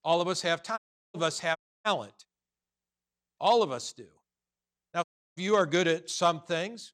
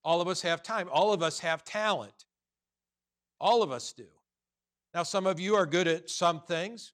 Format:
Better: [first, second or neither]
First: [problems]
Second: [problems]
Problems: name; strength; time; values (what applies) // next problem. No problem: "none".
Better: second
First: audio cutting out; at 1 s, at 1.5 s and at 5 s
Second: none